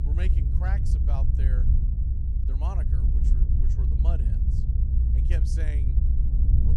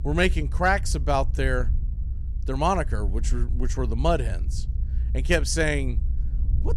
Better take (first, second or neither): second